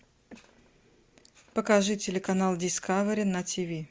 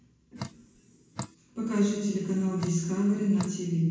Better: first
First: none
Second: background sound (Drip); 12 dB below the speech // room echo; dies away in 1.1 s

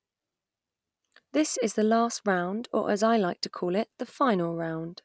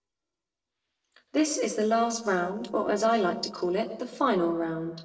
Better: first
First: none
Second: noise reduction (neural separator model SepFormer DNS4)

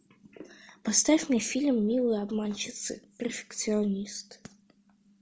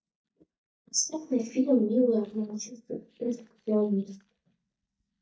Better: first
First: none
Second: noise reduction (neural mask model DeepFilterNet 3)

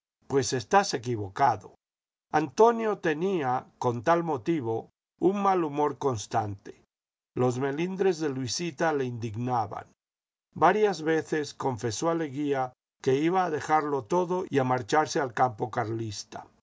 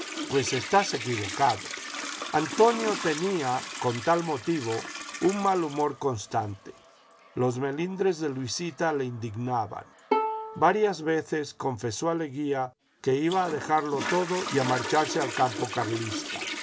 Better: first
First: none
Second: background sound (Bowed string instrument + Toilet flush); 9 dB below the speech

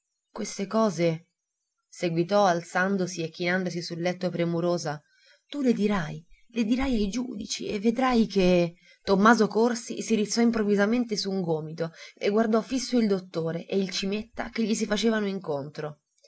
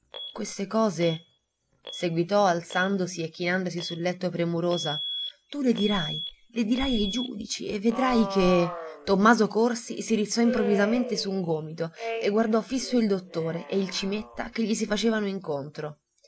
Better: first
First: none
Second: background sound (Alarm); 12 dB below the speech

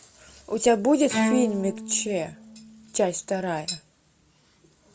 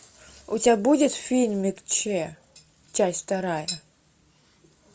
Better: second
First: background sound (Bowed string instrument); 6 dB below the speech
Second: none

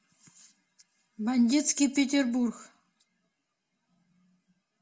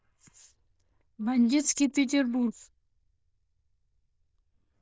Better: first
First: none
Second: noise reduction (neural diffusion model UNIVERSE++)

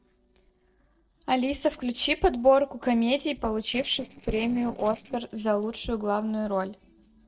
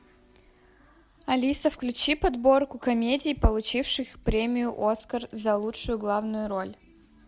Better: second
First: noise reduction (neural separator model SepFormer DNS4)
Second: none

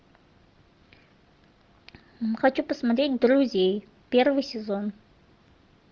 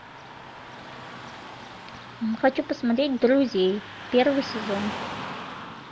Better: first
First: none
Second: background sound (Car passing by / Traffic noise, roadway noise); 11 dB below the speech

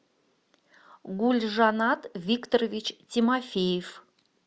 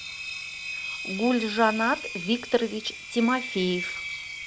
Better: first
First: none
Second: background sound (Engine); 8 dB below the speech

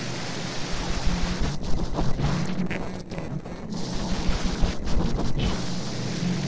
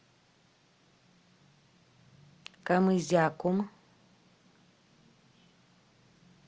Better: second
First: noise reduction (neural separator model SepFormer DNS4)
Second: none

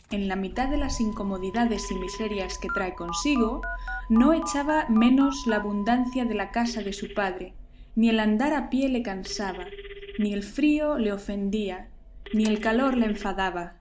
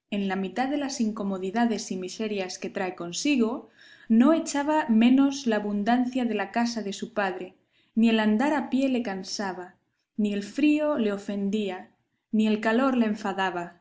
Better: second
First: background sound (Motor vehicle (road) + Telephone); 11 dB below the speech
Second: none

